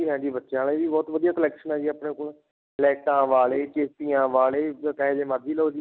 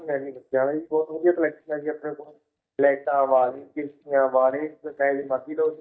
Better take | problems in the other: first | noise reduction (neural mask model DeepFilterNet 3)

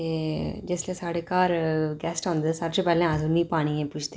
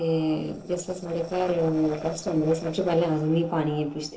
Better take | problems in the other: first | noise reduction (neural separator model SepFormer DNS4)

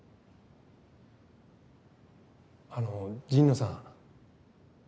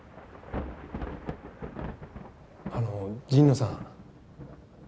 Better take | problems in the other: first | background sound (Thunder / Rain); 10 dB below the speech

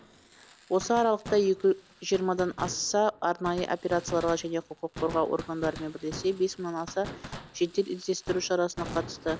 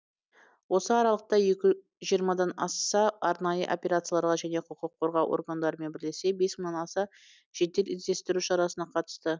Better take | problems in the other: second | background sound (Fireworks); 14 dB below the speech

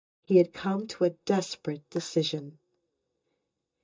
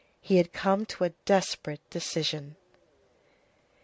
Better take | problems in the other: second | noise reduction (neural mask model DeepFilterNet 3)

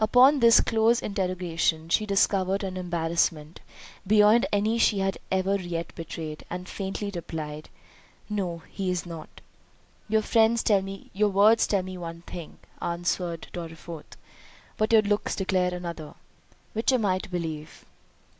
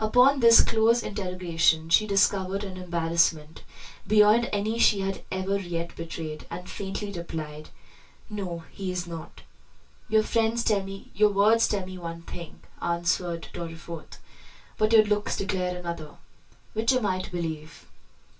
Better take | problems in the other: first | room echo; dies away in 0.2 s

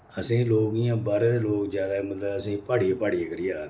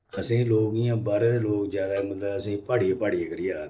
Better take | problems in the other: first | noise reduction (neural separator model SepFormer DNS4)

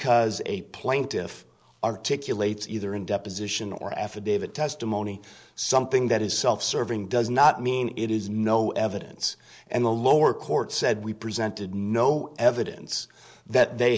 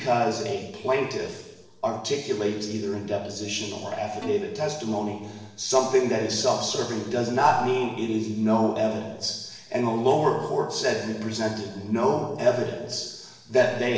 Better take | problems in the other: first | noise reduction (neural separator model SepFormer DNS4)

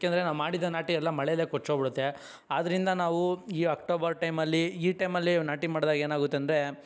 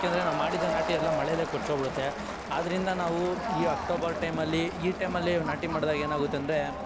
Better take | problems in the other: first | background sound (Crowd); 3 dB below the speech

